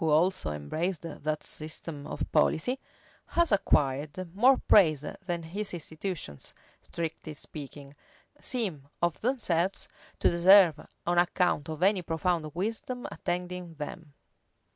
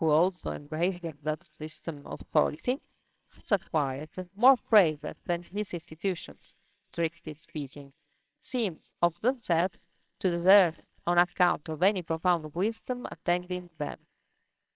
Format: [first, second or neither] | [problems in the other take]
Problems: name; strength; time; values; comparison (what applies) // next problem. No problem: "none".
first | noise reduction (neural separator model SepFormer WHAMR!)